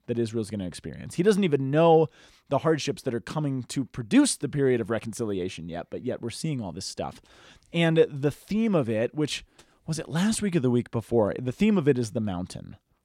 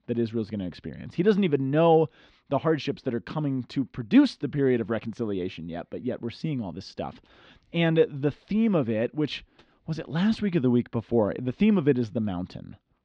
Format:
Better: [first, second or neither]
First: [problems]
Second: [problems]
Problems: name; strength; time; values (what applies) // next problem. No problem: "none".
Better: first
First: none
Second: muffled; very slightly; fading above 4 kHz